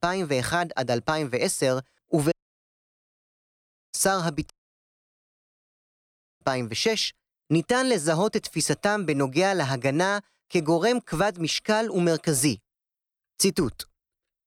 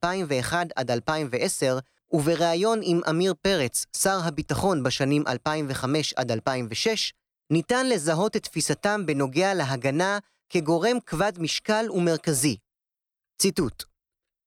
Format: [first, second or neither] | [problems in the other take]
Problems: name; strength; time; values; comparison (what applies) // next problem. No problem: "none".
second | audio cutting out; at 2.5 s for 1.5 s and at 4.5 s for 2 s